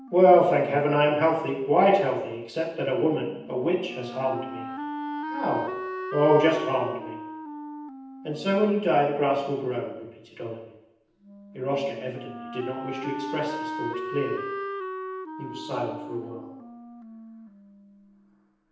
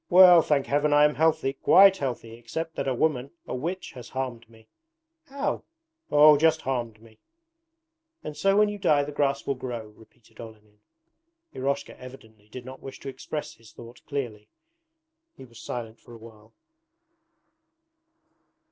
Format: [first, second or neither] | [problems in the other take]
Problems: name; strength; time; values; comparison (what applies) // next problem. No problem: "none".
second | background sound (Wind instrument, woodwind instrument); 11 dB below the speech // room echo; dies away in 0.9 s